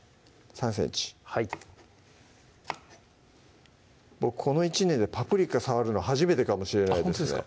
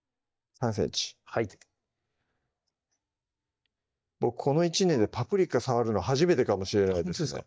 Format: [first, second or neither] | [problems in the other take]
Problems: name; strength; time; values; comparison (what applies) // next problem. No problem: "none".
first | noise reduction (neural mask model DeepFilterNet 3)